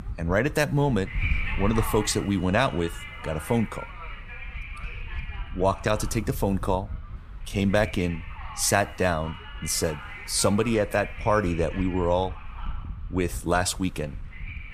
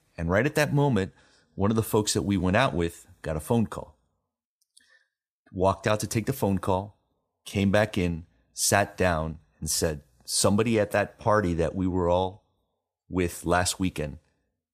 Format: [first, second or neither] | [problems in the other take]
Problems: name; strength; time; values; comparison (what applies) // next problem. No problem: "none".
second | wind noise on the microphone; occasional gusts; 10 dB below the speech